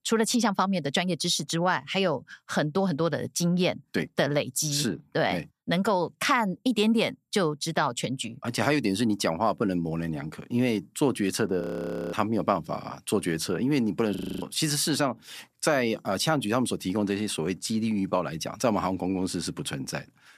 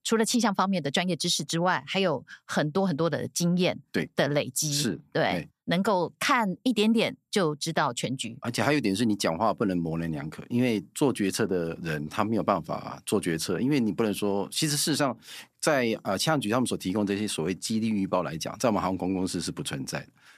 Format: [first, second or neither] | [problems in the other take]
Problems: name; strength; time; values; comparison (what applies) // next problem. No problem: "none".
second | audio freezing; at 12 s for 0.5 s and at 14 s